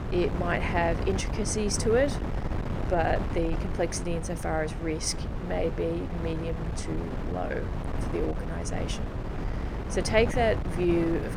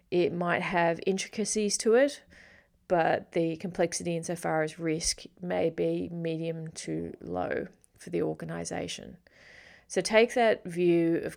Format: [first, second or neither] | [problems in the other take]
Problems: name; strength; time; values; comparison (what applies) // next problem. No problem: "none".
second | wind noise on the microphone; heavy; 9 dB below the speech